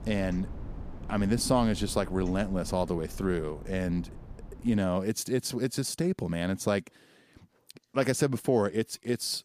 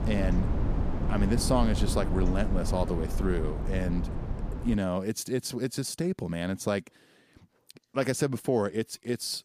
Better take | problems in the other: first | low rumble; loud; until 5 s; 8 dB below the speech; faint in the first

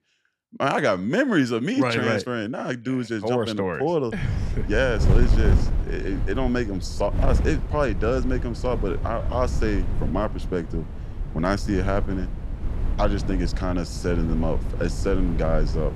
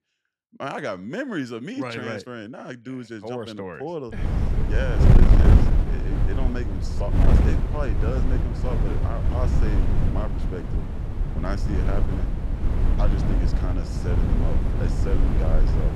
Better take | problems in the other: first | wind noise on the microphone; heavy; from 4 s on; as loud as the speech; occasional gusts in the first

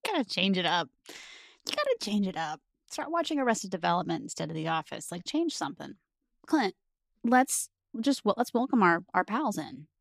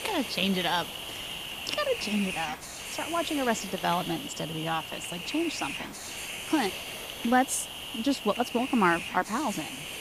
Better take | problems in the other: first | hiss; loud; throughout; 6 dB below the speech

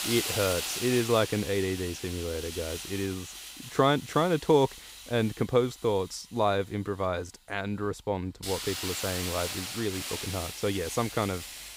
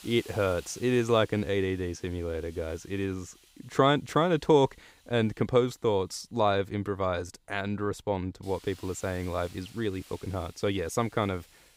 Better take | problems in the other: second | hiss; loud; throughout; 6 dB below the speech; faint in the second

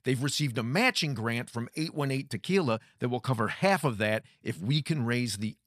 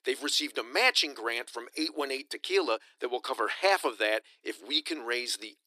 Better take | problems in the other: first | thin; very; fading below 300 Hz

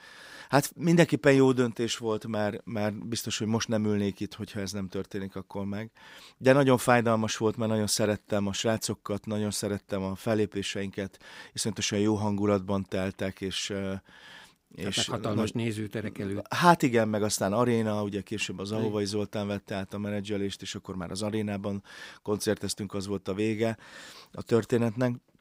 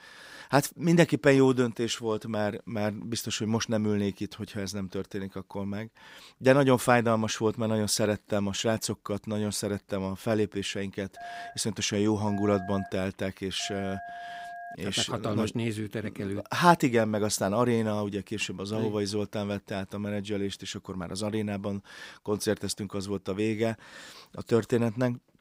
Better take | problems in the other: first | phone ringing; faint; from 11 to 15 s; peak 10 dB below the speech

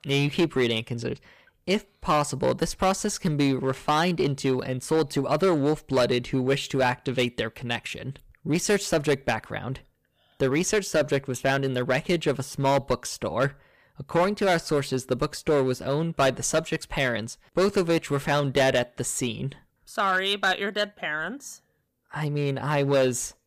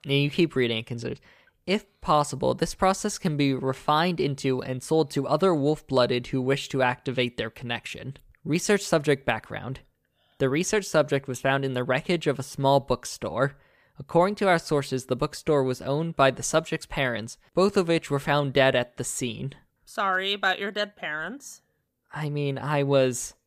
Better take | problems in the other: second | distortion; slight; 6% of the sound clipped

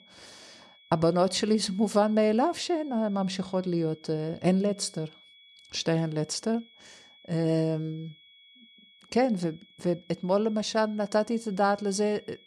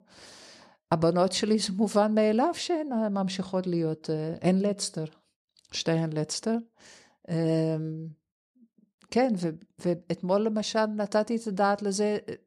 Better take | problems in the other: second | high-pitched whine; faint; throughout; 3.5 kHz, 25 dB below the speech

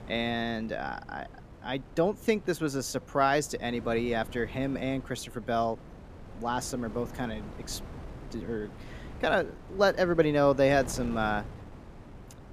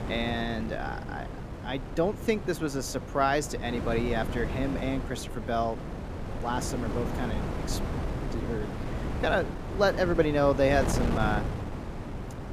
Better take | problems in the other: first | wind noise on the microphone; heavy; 9 dB below the speech; occasional gusts in the first

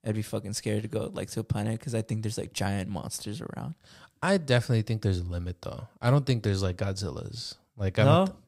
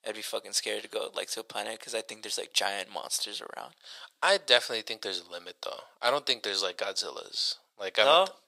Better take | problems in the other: first | thin; very; fading below 550 Hz

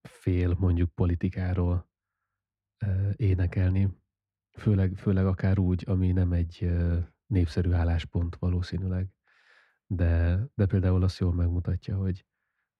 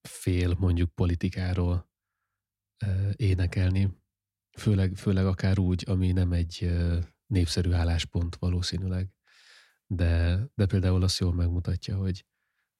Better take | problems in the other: second | muffled; slightly; fading above 3 kHz

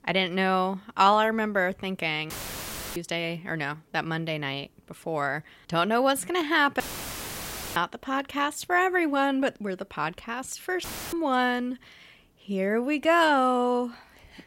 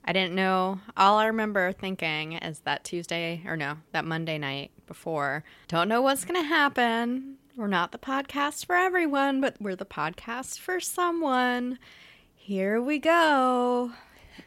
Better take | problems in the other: second | audio cutting out; filled with static; at 2.5 s for 0.5 s, at 7 s for 1 s and at 11 s

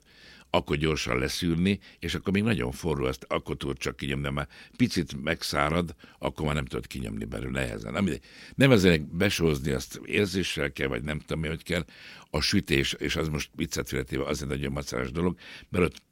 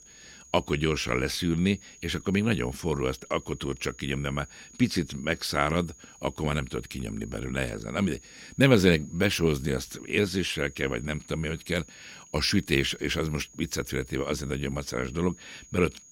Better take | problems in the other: first | high-pitched whine; faint; throughout; 6.5 kHz, 20 dB below the speech

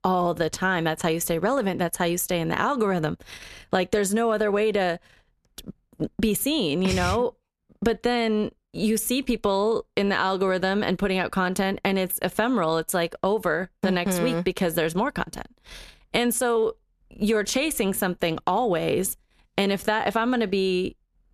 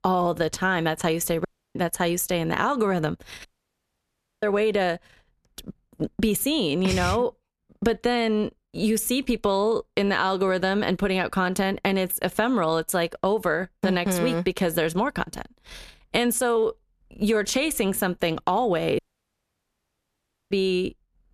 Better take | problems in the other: first | audio cutting out; at 1.5 s, at 3.5 s for 1 s and at 19 s for 1.5 s

